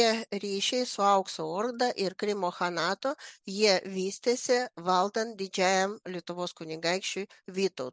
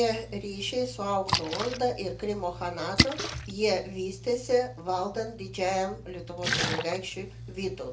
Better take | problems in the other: first | background sound (Splash, splatter); 4 dB below the speech // room echo; dies away in 0.3 s

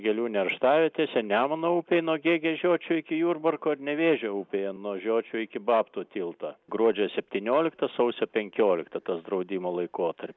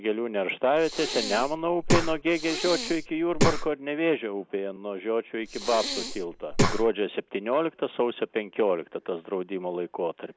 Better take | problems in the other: first | background sound (Breathing); as loud as the speech

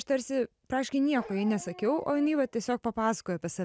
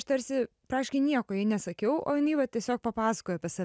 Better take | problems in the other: second | background sound (Bark); 20 dB below the speech

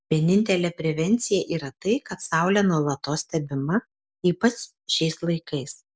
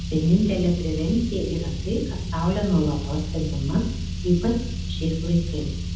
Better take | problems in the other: first | background sound (Car); 4 dB below the speech // room echo; dies away in 0.8 s

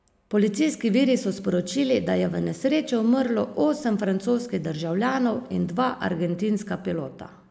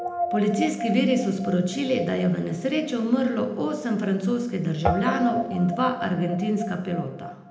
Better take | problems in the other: first | background sound (Guitar); 8 dB below the speech // room echo; dies away in 0.8 s

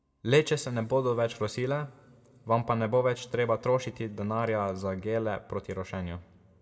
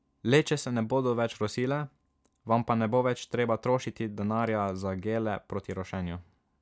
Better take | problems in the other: second | room echo; dies away in 1.8 s

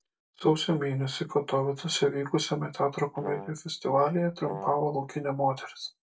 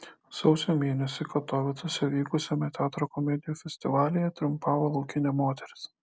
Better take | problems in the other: second | noise reduction (neural mask model DeepFilterNet 3)

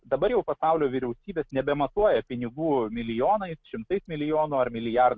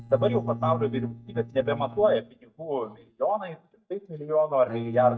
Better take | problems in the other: first | noise reduction (neural mask model DeepFilterNet 3)

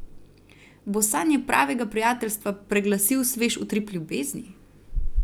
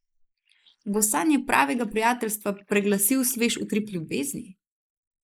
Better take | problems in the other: first | noise reduction (neural mask model Resemble Enhance denoiser)

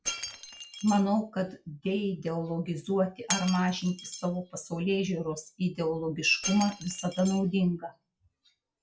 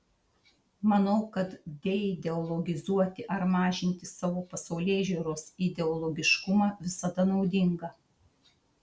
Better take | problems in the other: second | noise reduction (classical method log-MMSE)

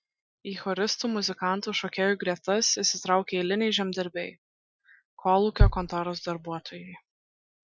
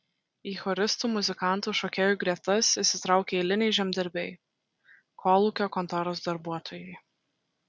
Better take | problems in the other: second | noise reduction (classical method Wiener filter)

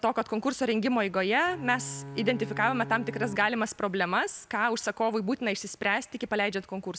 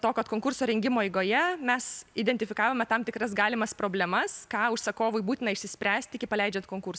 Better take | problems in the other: second | background sound (Bowed string instrument); 13 dB below the speech

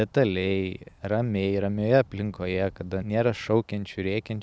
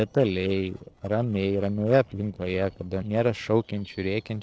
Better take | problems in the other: first | noise reduction (neural separator model SepFormer DNS4)

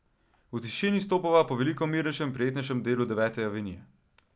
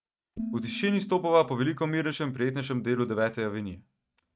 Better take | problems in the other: first | noise reduction (neural mask model RNNoise)

